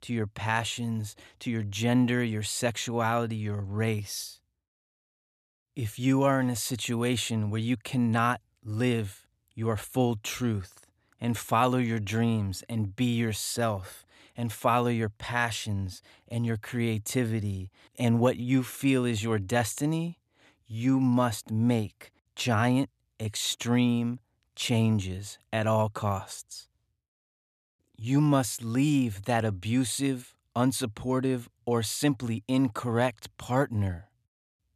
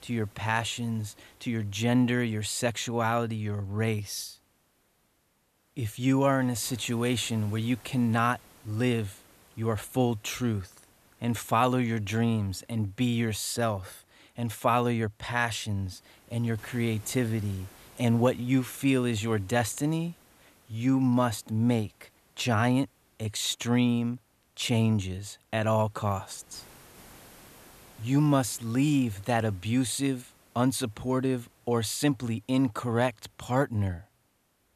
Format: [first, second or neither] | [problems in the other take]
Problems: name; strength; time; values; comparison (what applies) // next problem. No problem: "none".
first | hiss; faint; throughout; 25 dB below the speech